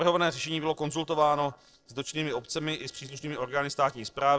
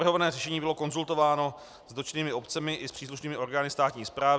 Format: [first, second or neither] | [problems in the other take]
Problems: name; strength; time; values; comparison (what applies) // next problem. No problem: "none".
second | noise reduction (neural separator model SepFormer DNS4)